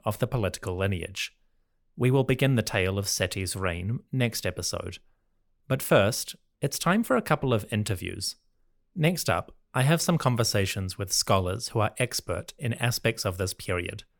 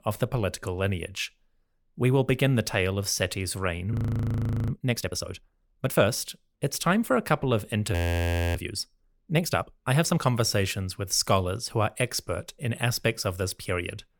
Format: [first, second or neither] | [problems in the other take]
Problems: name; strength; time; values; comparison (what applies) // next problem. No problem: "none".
first | audio freezing; at 4 s for 1 s and at 8 s for 0.5 s